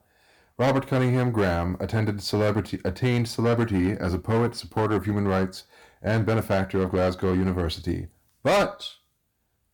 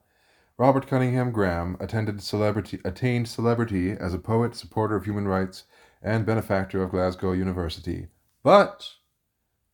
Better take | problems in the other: second | distortion; heavy; 9% of the sound clipped

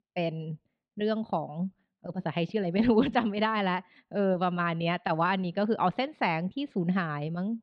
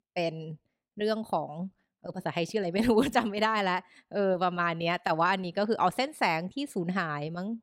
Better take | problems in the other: second | muffled; very slightly; fading above 3.5 kHz

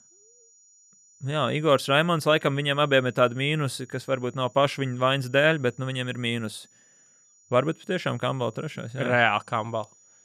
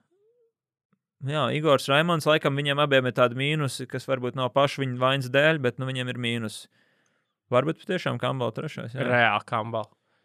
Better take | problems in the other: second | high-pitched whine; faint; throughout; 7 kHz, 30 dB below the speech

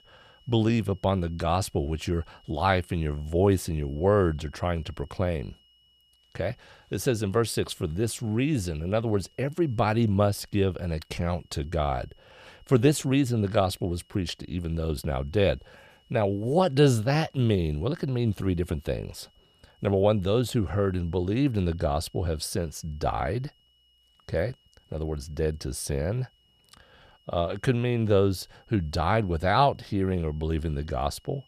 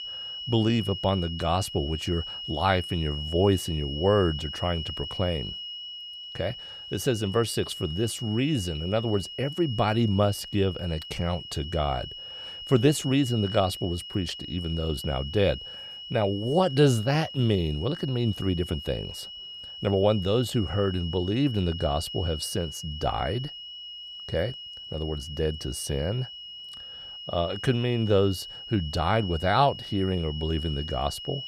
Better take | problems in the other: first | high-pitched whine; loud; throughout; 3 kHz, 9 dB below the speech; faint in the first

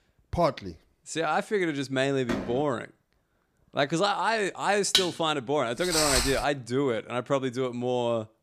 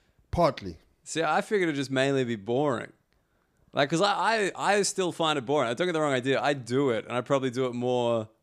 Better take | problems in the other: second | door banging; noticeable; at 2.5 s; peak 7 dB below the speech // clattering dishes; loud; at 5 s; peak 3 dB above the speech // footsteps; loud; at 6 s; peak 4 dB above the speech

